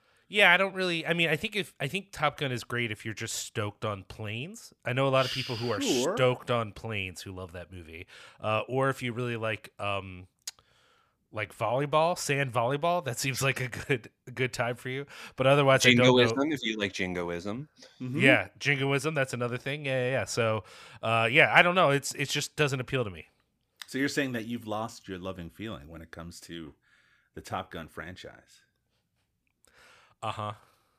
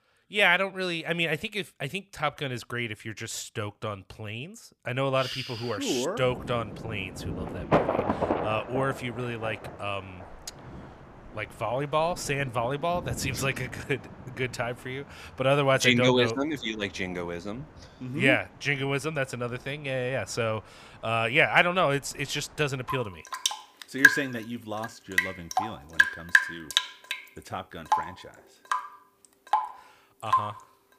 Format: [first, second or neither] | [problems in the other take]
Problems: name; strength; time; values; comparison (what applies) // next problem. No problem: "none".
first | rain or running water; very loud; from 6.5 s on; as loud as the speech